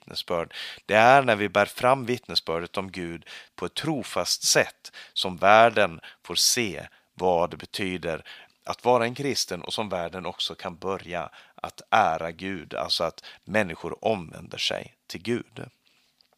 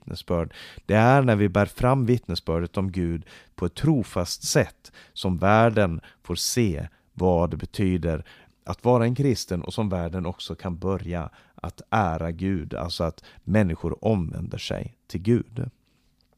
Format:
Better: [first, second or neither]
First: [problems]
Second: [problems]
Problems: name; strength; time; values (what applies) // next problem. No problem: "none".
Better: second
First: thin; somewhat; fading below 800 Hz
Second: none